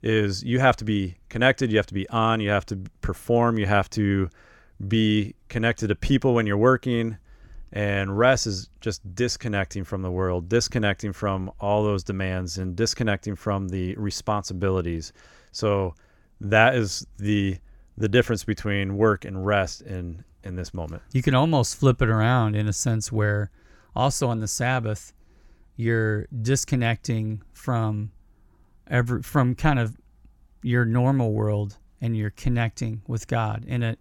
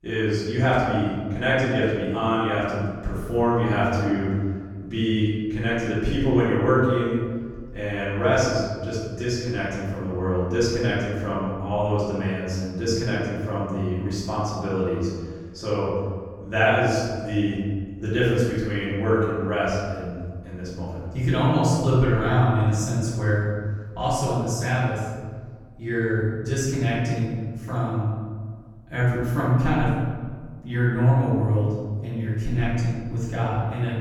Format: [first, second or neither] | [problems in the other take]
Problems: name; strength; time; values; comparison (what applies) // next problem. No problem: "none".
first | room echo; strong; dies away in 1.5 s // off-mic speech; far